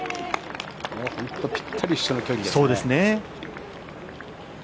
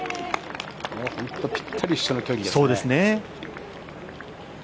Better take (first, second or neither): second